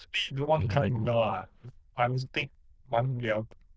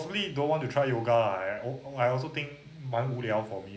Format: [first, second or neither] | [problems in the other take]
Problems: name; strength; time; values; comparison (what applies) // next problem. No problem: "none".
second | noise reduction (neural diffusion model UNIVERSE++)